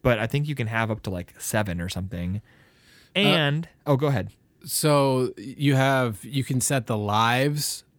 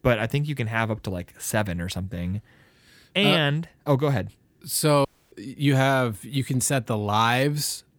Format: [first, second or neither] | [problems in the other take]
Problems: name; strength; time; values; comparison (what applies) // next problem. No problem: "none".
first | audio cutting out; at 5 s